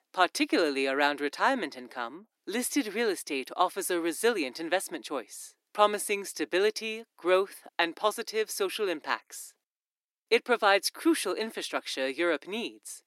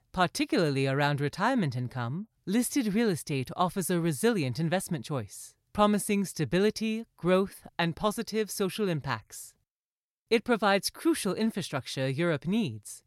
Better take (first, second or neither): second